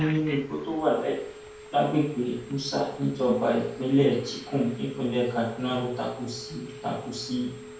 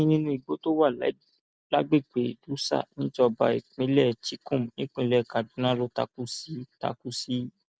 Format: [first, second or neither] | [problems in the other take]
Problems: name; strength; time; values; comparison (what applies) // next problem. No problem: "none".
second | background sound (Telephone); 16 dB below the speech // room echo; dies away in 0.5 s